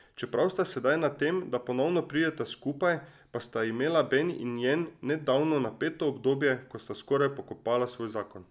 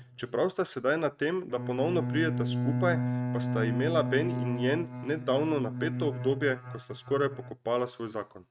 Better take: first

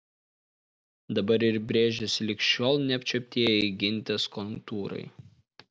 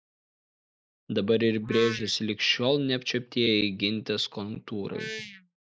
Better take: first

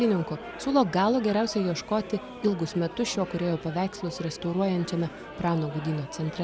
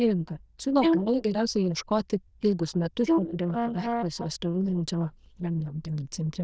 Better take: first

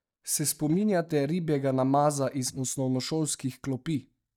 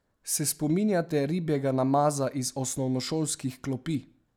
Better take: second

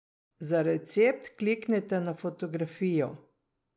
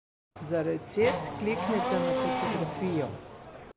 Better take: first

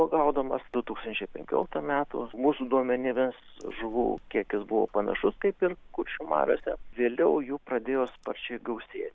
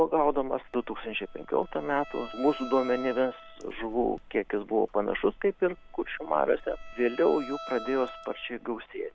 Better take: first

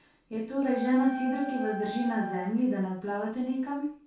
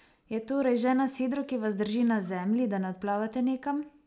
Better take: second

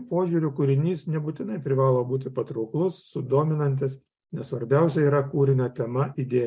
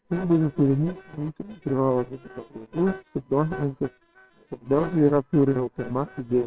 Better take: first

